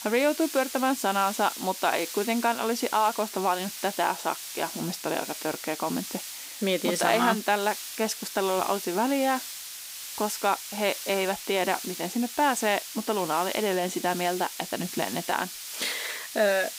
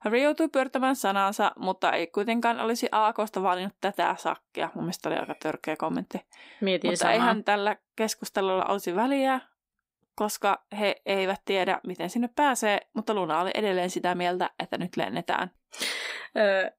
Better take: second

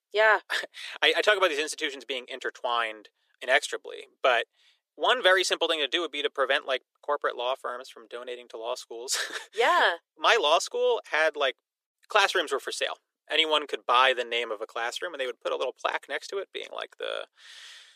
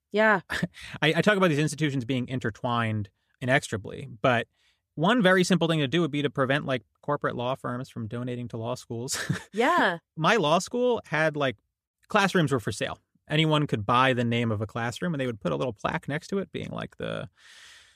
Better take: second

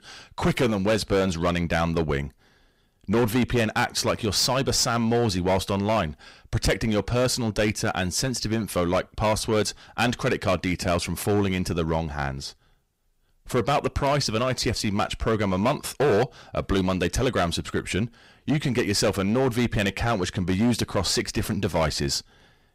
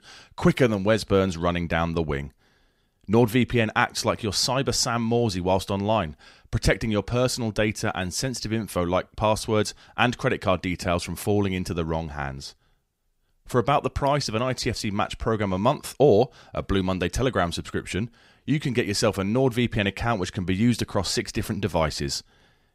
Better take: second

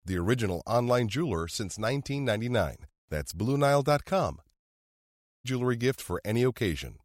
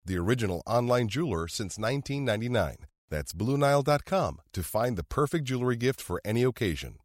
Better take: second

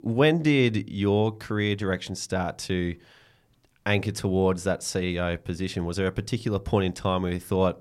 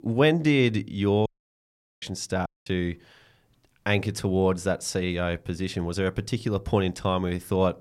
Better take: first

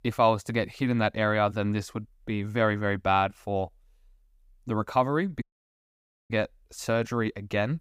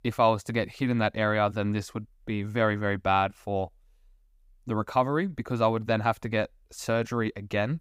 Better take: second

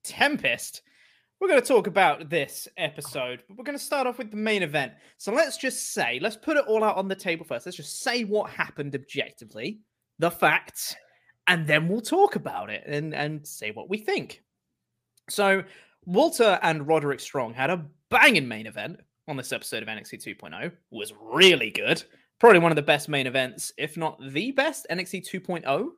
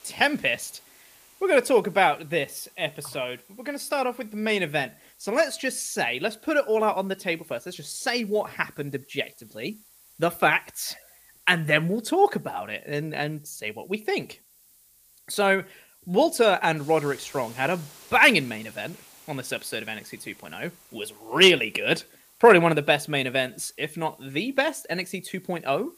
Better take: first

